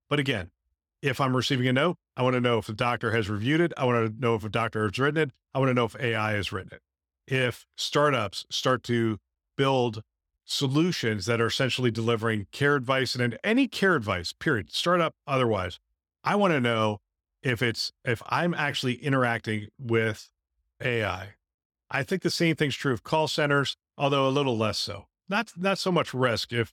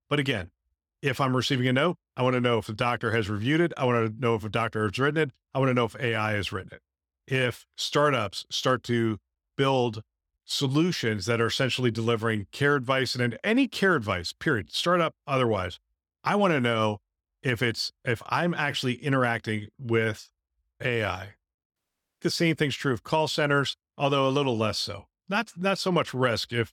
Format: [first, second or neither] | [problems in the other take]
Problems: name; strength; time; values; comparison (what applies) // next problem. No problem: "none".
first | audio cutting out; at 22 s